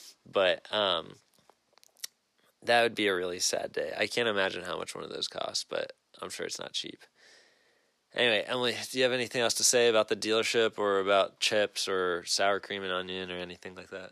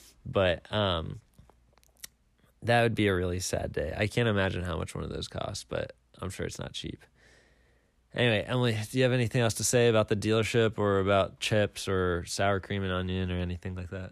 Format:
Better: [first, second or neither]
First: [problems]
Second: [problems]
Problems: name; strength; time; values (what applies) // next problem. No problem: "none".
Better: second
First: thin; somewhat; fading below 350 Hz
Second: none